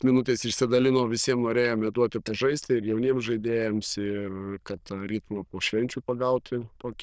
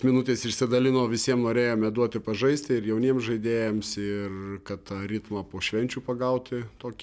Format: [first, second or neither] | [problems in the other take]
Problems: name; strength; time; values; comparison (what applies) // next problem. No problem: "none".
second | noise reduction (neural diffusion model UNIVERSE++)